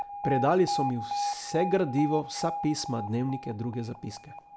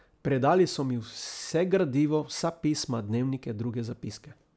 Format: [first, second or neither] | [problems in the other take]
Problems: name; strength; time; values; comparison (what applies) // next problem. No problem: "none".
second | background sound (Alarm); 5 dB below the speech